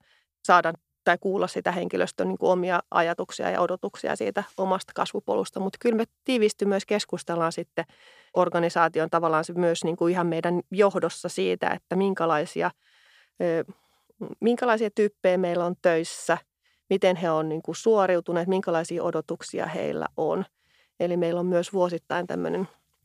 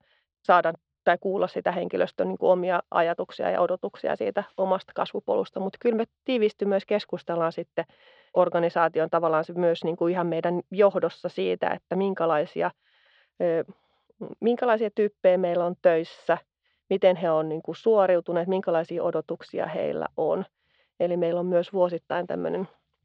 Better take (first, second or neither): first